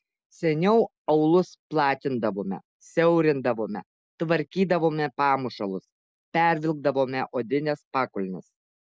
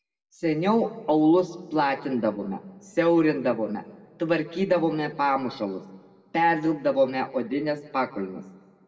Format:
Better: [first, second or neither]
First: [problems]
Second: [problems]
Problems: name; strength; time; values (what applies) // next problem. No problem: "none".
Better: first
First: none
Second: room echo; dies away in 0.9 s